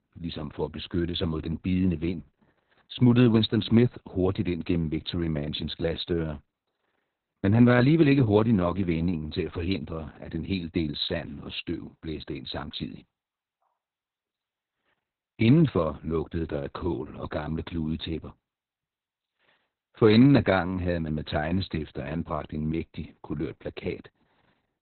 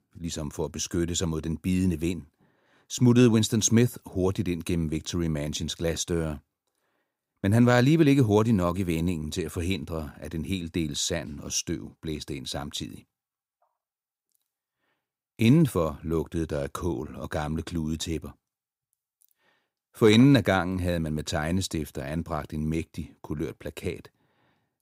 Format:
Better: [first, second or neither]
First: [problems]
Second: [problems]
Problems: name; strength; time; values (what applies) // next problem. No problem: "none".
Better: second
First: garbled, watery; badly; nothing above 4 kHz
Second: none